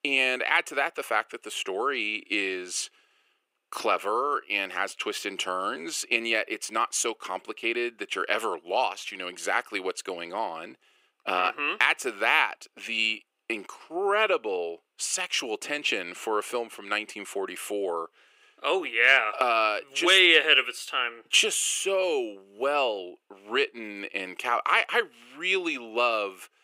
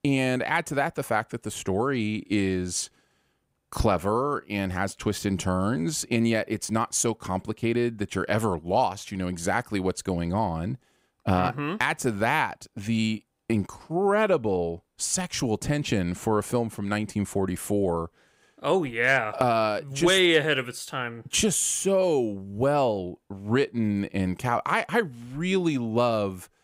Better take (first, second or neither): second